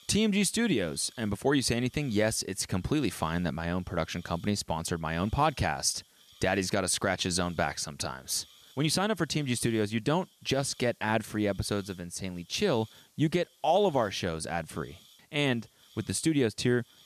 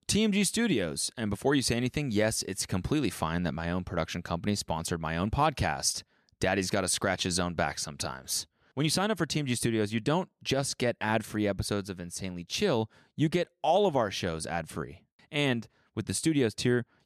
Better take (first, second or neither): second